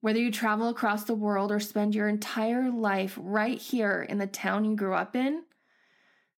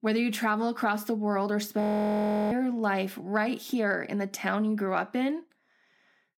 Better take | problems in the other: first | audio freezing; at 2 s for 0.5 s

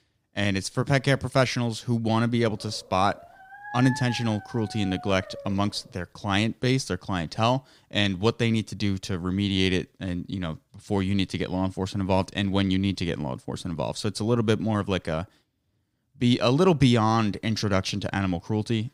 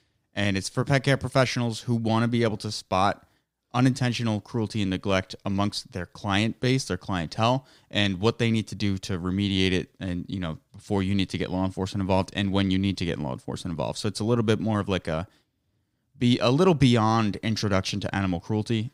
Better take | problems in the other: second | dog barking; noticeable; from 2.5 to 6 s; peak 8 dB below the speech

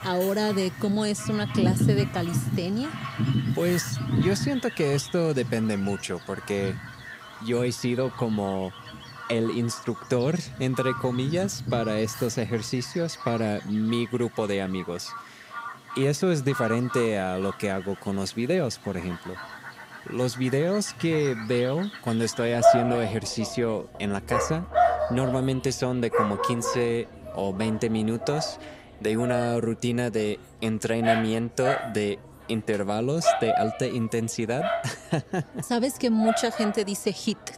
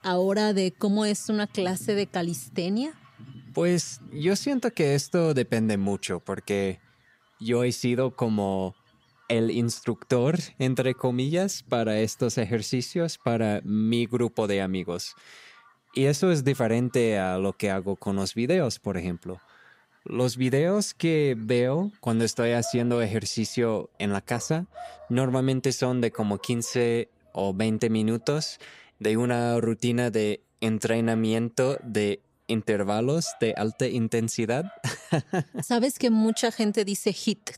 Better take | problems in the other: second | animal sounds; loud; throughout; 3 dB below the speech; faint in the second

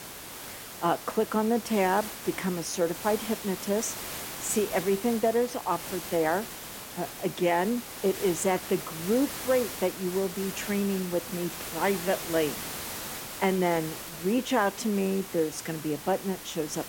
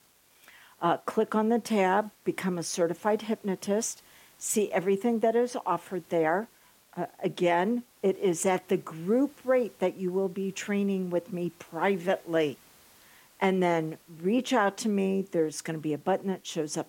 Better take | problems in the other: second | hiss; loud; throughout; 8 dB below the speech; faint in the second

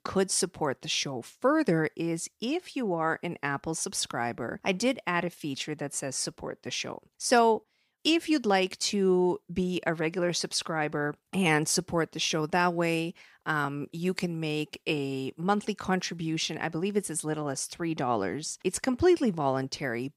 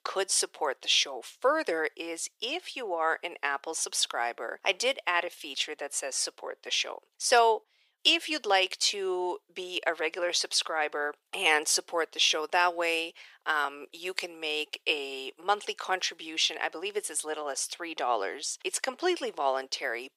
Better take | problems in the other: first | thin; very; fading below 450 Hz

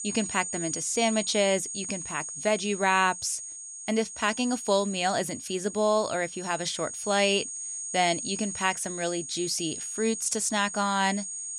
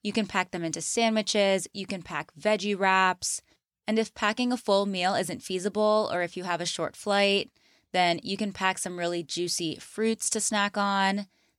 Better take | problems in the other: second | high-pitched whine; loud; throughout; 6.5 kHz, 7 dB below the speech

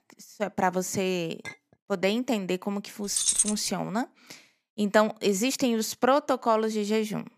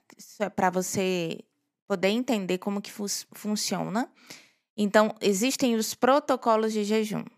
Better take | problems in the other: second | clattering dishes; faint; at 1.5 s; peak 15 dB below the speech // jangling keys; loud; at 3 s; peak 5 dB above the speech

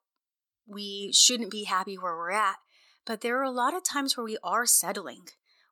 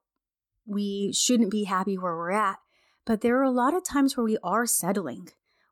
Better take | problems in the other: second | thin; somewhat; fading below 1 kHz

